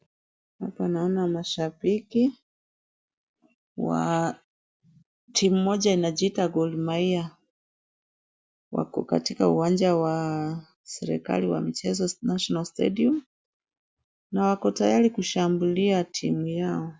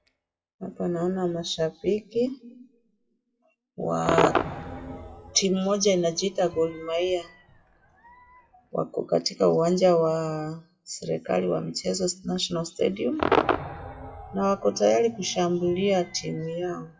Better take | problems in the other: first | noise reduction (classical method WPE with log-MMSE)

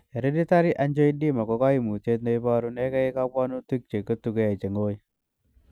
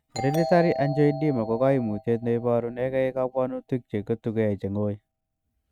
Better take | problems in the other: first | noise reduction (neural mask model RNNoise)

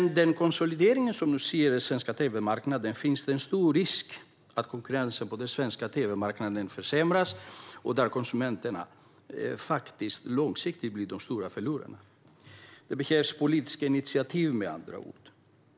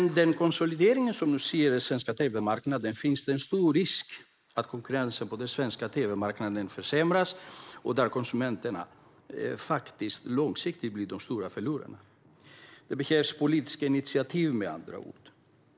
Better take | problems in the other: first | noise reduction (neural mask model Resemble Enhance denoiser)

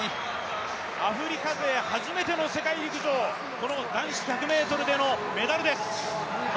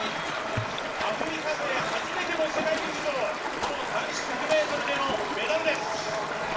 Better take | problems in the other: first | background sound (Stream); 3 dB below the speech // room echo; dies away in 0.4 s

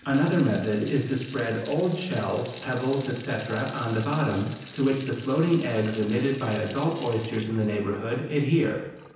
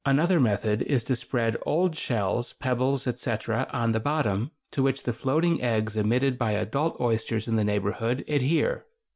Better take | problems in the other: second | background sound (Sink (filling or washing) / Water tap, faucet); 20 dB below the speech // room echo; dies away in 0.9 s

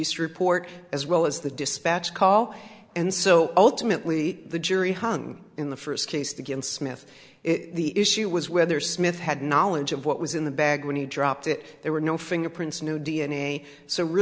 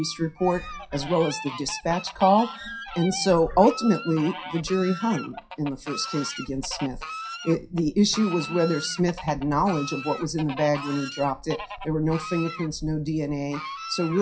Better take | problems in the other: first | noise reduction (classical method WPE with log-MMSE)

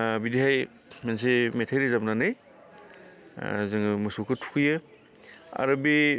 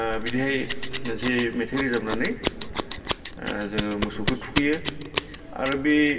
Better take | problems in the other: first | background sound (Scissors); 5 dB below the speech // room echo; dies away in 2.5 s

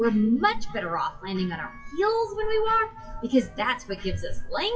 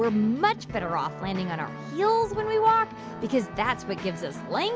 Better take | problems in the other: second | noise reduction (classical method WPE with log-MMSE)

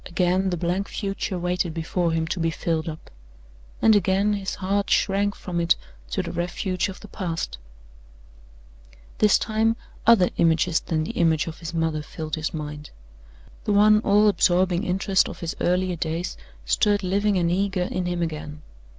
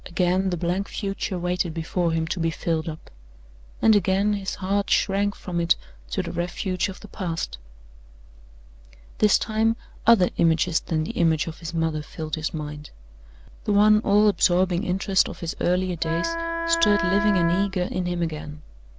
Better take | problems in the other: first | background sound (Wind instrument, woodwind instrument); 4 dB below the speech

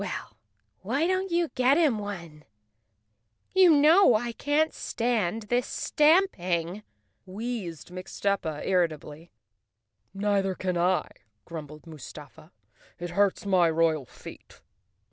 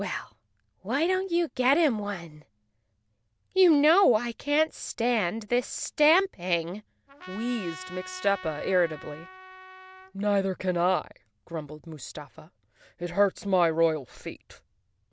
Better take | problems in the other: first | background sound (Trumpet); 16 dB below the speech

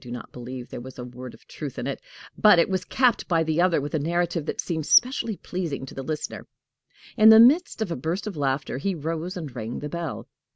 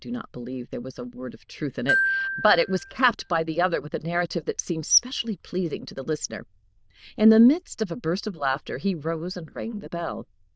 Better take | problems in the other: first | noise reduction (neural diffusion model UNIVERSE++)

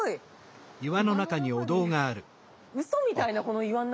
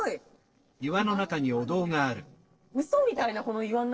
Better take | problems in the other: first | noise reduction (neural separator model SepFormer DNS4)

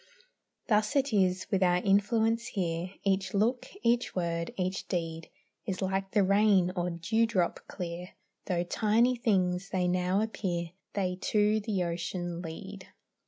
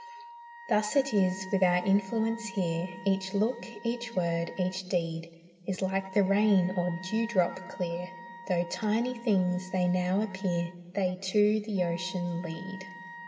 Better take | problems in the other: first | background sound (Wind instrument, woodwind instrument); 18 dB below the speech // room echo; dies away in 2.9 s

